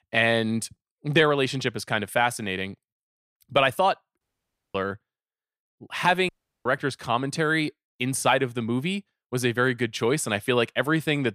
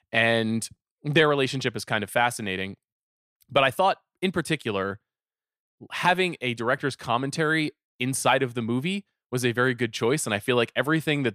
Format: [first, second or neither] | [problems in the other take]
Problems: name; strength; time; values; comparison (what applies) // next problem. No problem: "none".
second | audio cutting out; at 4 s for 0.5 s and at 6.5 s